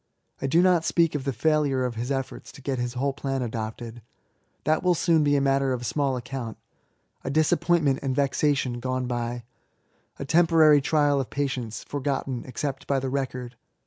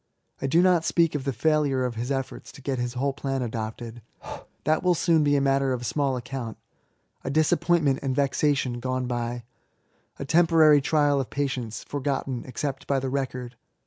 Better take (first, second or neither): first